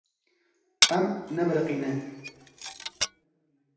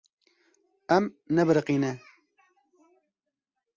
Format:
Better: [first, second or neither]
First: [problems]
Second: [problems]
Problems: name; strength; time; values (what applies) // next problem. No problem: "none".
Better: second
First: background sound (Glass); 1 dB above the speech // room echo; dies away in 0.9 s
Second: none